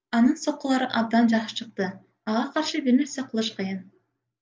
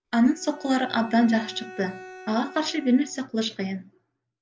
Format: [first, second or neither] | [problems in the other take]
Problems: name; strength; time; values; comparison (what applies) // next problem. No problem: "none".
first | background sound (Bowed string instrument); 18 dB below the speech